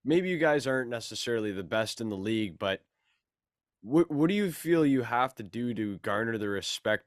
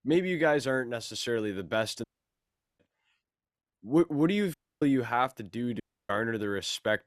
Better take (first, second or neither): first